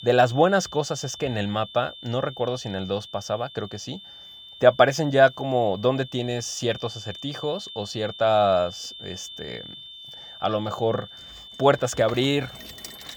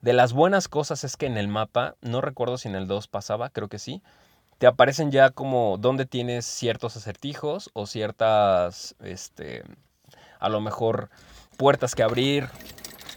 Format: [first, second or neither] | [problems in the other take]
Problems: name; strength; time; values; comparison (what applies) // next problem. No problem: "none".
second | high-pitched whine; noticeable; throughout; 3.5 kHz, 15 dB below the speech